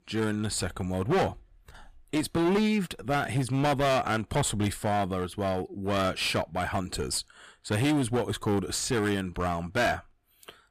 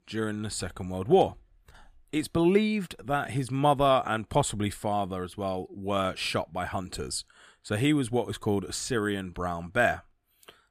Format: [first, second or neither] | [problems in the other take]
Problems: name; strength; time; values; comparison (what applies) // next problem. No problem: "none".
second | distortion; heavy; 14% of the sound clipped